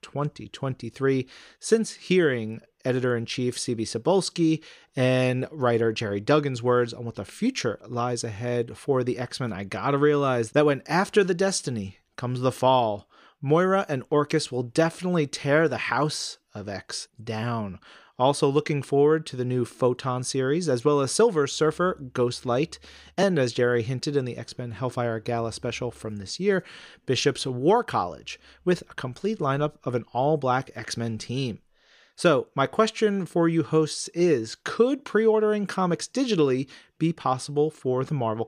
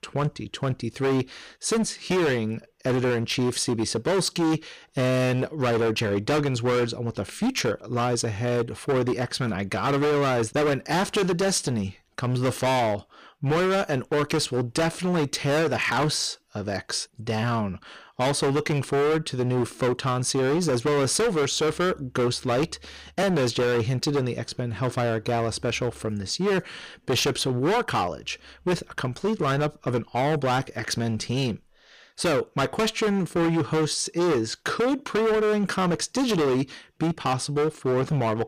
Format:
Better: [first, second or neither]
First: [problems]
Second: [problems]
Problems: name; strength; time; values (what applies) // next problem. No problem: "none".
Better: first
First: none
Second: distortion; heavy; 20% of the sound clipped